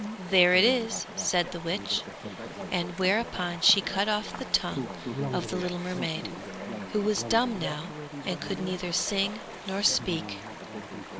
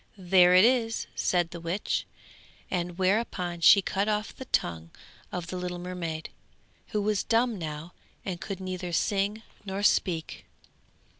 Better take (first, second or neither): second